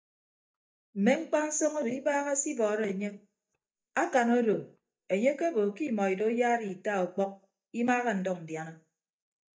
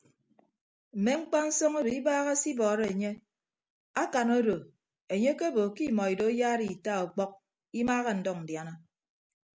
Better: second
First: noise reduction (neural mask model DeepFilterNet 3)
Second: none

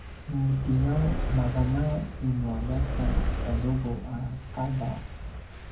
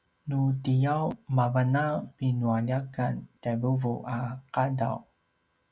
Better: second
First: background sound (Fire); 2 dB below the speech // room echo; dies away in 0.3 s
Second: none

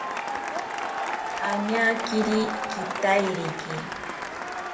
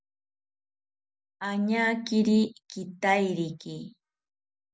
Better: second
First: background sound (Applause / Cheering); 2 dB below the speech // room echo; dies away in 1.3 s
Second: none

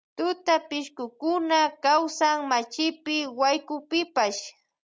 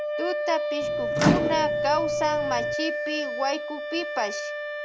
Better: first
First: none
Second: background sound (Wind instrument, woodwind instrument + Microwave oven); 3 dB above the speech

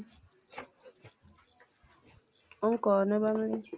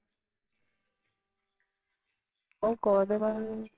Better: first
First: none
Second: noise reduction (neural separator model SepFormer WHAMR!)

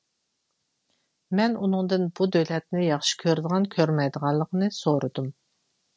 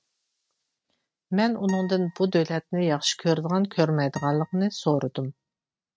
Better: first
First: none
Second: noise reduction (neural mask model RNNoise)

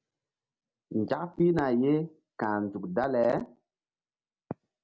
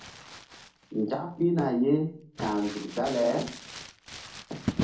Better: first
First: none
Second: background sound (Crumpling, crinkling); 9 dB below the speech // room echo; dies away in 0.4 s

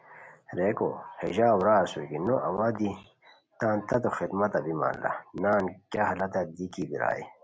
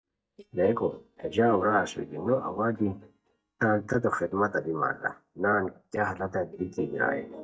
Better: first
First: none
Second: noise reduction (neural mask model DeepFilterNet 3)

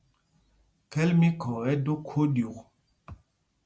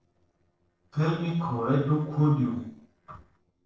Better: first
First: none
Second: noise reduction (neural separator model SepFormer DNS4)

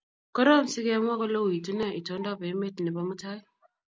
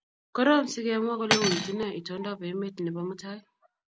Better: first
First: none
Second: background sound (Cutlery, silverware); 3 dB below the speech

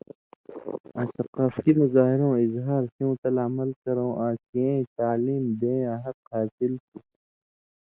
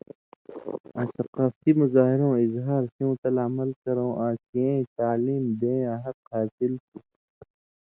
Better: second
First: noise reduction (neural mask model Resemble Enhance denoiser)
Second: none

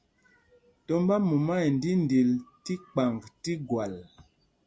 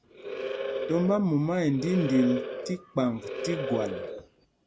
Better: first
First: none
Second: background sound (Animal); 6 dB below the speech

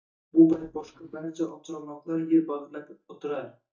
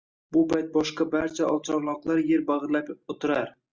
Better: second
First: noise reduction (neural mask model DeepFilterNet 3)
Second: none

